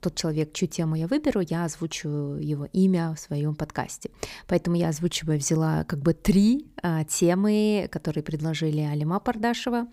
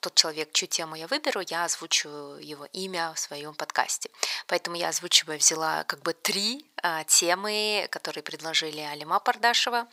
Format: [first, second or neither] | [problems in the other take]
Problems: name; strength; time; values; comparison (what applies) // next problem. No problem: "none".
first | thin; very; fading below 950 Hz